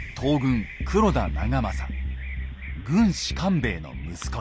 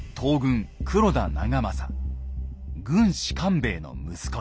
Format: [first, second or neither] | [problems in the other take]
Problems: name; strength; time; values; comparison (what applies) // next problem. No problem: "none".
second | background sound (Bird vocalization, bird call, bird song); 20 dB below the speech